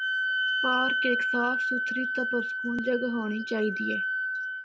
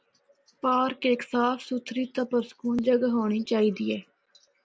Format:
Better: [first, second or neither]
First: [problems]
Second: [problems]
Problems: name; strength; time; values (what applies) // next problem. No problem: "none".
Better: second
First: background sound (Wind instrument, woodwind instrument); 2 dB above the speech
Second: none